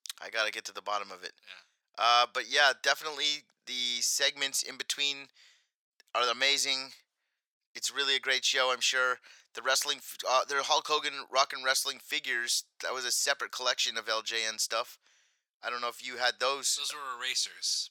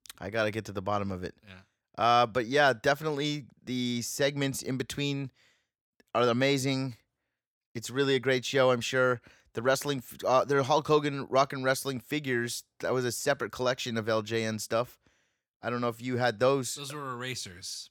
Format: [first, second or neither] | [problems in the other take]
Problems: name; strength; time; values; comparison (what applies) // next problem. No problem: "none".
second | thin; very; fading below 800 Hz